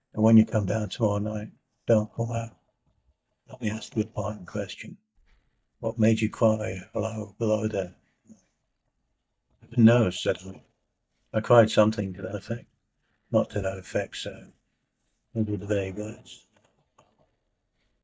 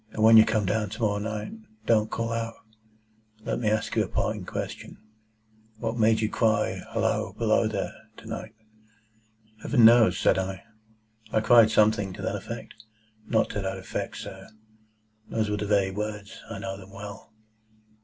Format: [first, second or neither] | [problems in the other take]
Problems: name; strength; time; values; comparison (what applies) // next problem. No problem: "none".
second | noise reduction (neural mask model DeepFilterNet 3)